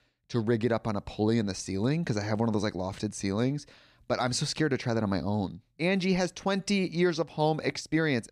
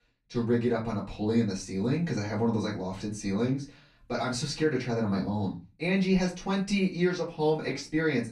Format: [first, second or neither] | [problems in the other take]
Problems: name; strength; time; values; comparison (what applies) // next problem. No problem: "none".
first | off-mic speech; far // room echo; very slight; dies away in 0.2 s